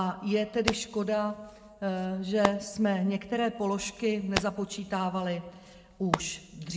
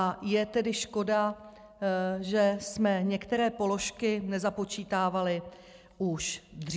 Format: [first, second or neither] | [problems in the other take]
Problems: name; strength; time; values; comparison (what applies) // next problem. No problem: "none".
second | background sound (Hands); 8 dB below the speech // room echo; dies away in 1.1 s